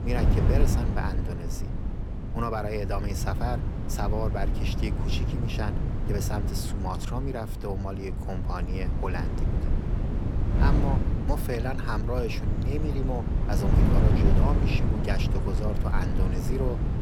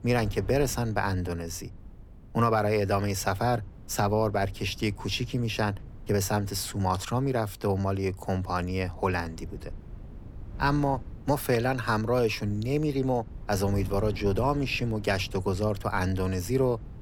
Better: second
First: wind noise on the microphone; heavy; 3 dB below the speech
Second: wind noise on the microphone; occasional gusts; 25 dB below the speech

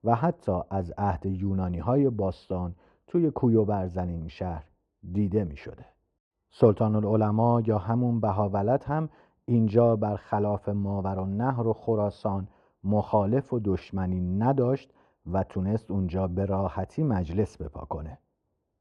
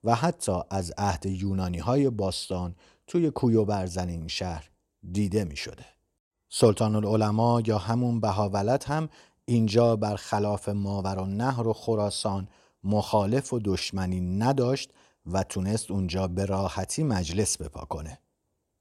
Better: second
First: muffled; very; fading above 3.5 kHz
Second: none

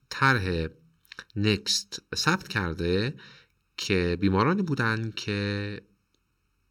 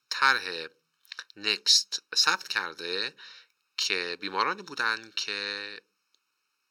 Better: first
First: none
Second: thin; very; fading below 700 Hz

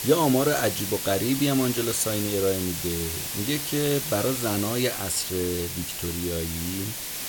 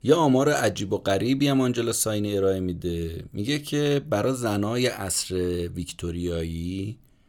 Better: second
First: hiss; loud; throughout; 3 dB below the speech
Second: none

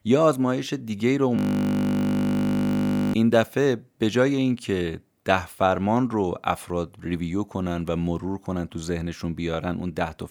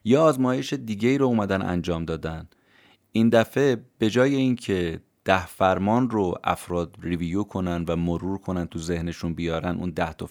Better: second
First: audio freezing; at 1.5 s for 2 s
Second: none

